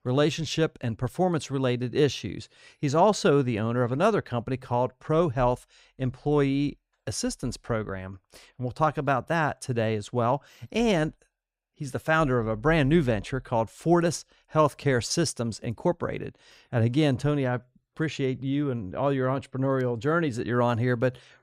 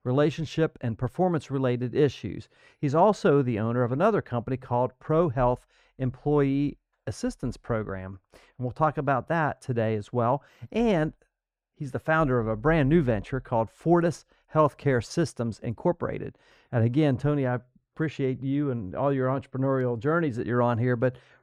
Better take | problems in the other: first | muffled; slightly; fading above 2.5 kHz

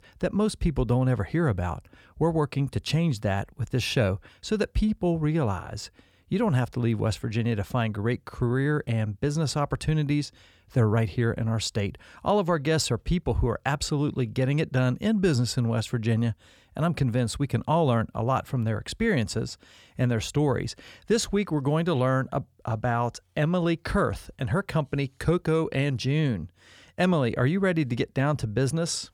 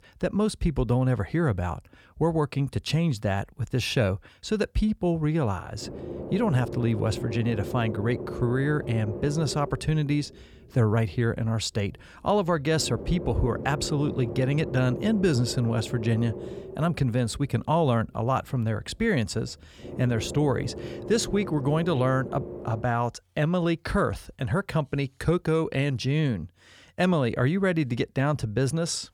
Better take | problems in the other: first | low rumble; loud; from 6 to 23 s; 10 dB below the speech

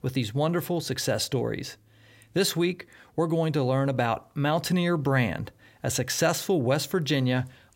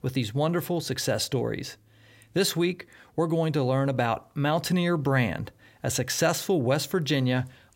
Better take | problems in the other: neither | none

